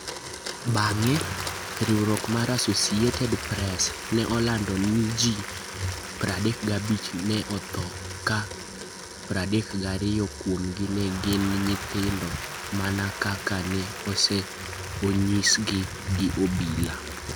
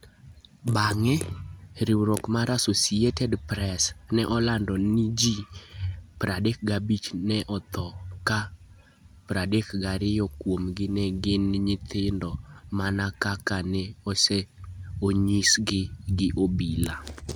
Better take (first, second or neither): second